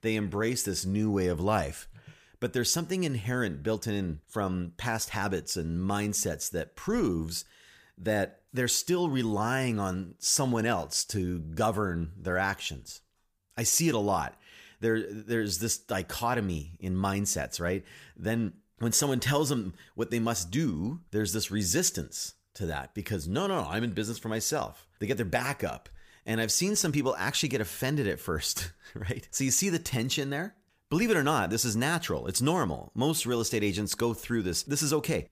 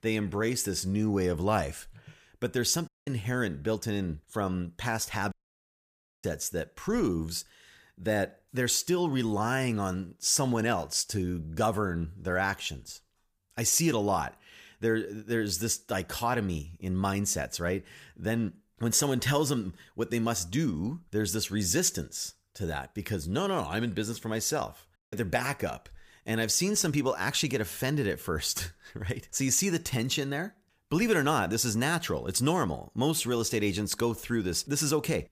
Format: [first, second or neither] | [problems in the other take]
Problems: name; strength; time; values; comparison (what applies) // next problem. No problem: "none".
first | audio cutting out; at 3 s, at 5.5 s for 1 s and at 25 s